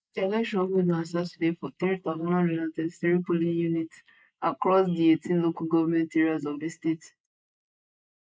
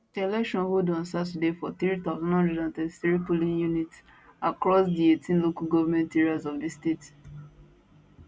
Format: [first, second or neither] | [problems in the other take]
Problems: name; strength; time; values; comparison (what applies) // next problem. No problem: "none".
second | noise reduction (neural mask model Resemble Enhance denoiser)